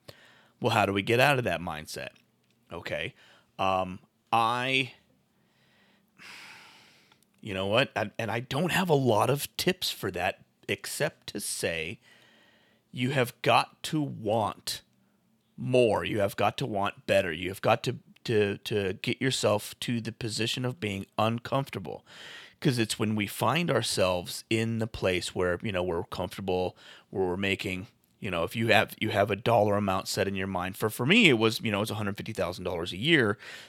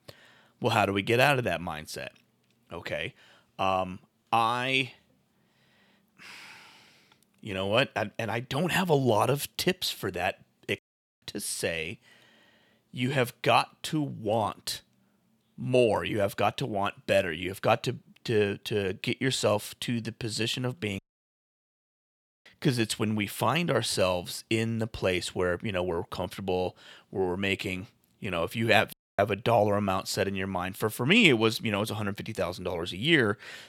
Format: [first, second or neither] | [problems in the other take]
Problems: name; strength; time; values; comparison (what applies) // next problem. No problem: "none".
first | audio cutting out; at 11 s, at 21 s for 1.5 s and at 29 s